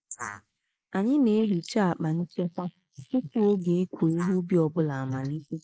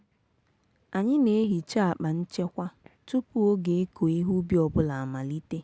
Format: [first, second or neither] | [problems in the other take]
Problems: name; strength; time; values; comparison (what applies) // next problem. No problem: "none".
second | noise reduction (neural mask model Resemble Enhance denoiser)